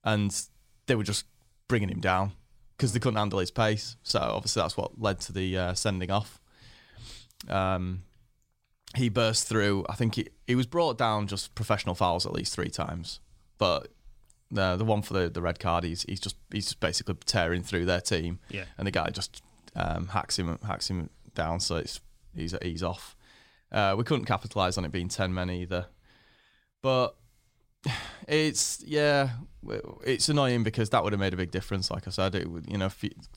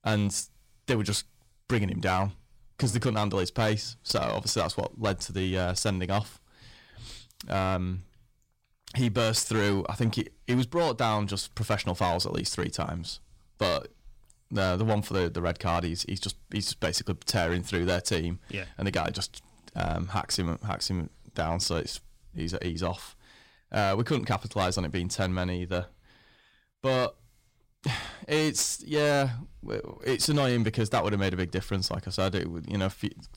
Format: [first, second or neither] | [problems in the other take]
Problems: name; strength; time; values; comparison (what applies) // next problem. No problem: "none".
first | distortion; slight; 5% of the sound clipped